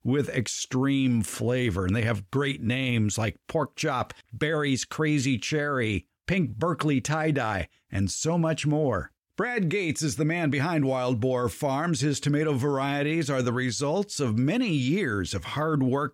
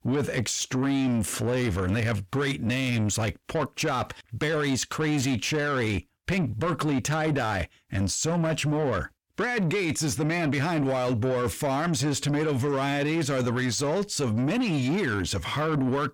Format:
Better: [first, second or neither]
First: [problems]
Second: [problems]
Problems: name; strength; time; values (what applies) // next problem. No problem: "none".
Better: first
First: none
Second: distortion; slight; 10 dB below the speech